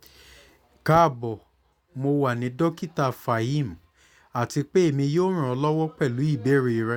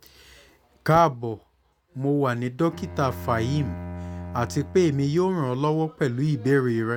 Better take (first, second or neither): first